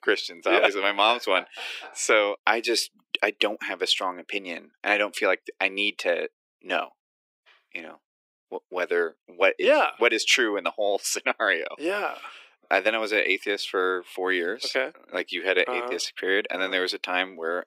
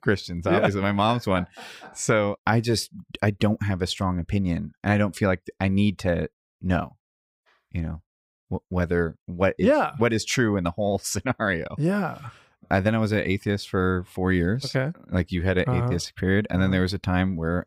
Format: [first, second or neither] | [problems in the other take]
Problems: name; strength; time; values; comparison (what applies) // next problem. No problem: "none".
second | thin; very; fading below 300 Hz